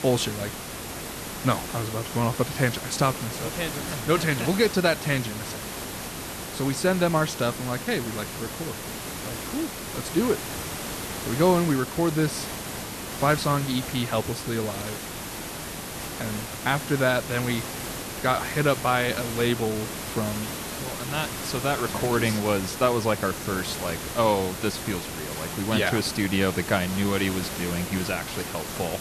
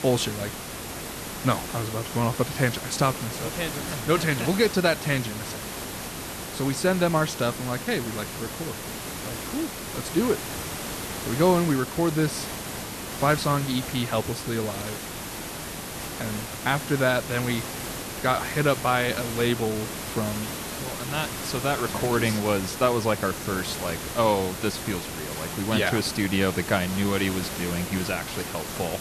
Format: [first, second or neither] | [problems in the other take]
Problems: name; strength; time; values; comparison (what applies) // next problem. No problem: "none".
neither | hiss; loud; throughout; 6 dB below the speech; the same in both